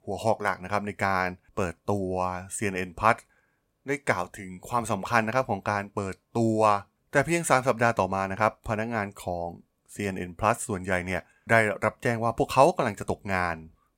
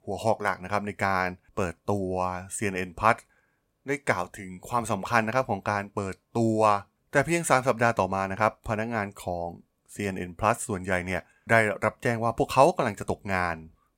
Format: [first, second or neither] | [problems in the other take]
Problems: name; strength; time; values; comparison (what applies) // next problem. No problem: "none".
neither | none